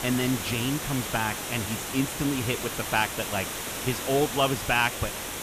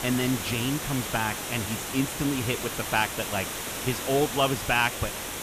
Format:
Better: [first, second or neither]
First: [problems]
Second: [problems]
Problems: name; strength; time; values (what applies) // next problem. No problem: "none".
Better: neither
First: hiss; loud; throughout; 4 dB below the speech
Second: hiss; loud; throughout; 4 dB below the speech